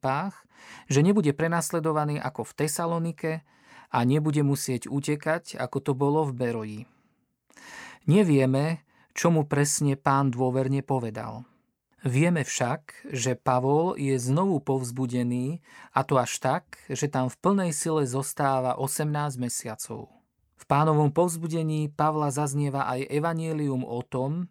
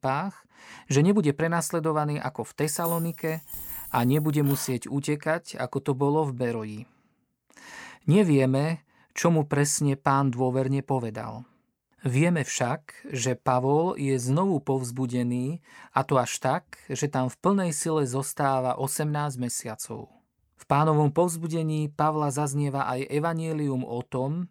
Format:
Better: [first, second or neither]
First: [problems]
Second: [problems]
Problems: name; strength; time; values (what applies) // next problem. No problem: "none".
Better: first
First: none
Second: jangling keys; noticeable; from 2.5 to 4.5 s; peak 8 dB below the speech